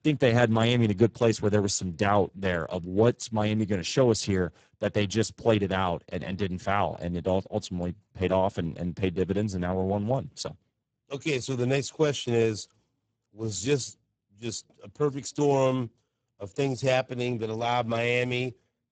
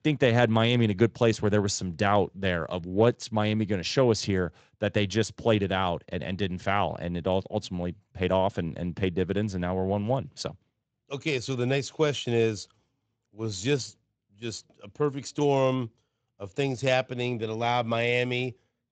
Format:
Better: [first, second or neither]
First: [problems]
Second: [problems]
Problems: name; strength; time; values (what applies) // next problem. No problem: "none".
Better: second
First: garbled, watery; badly; nothing above 7.5 kHz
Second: garbled, watery; slightly; nothing above 7.5 kHz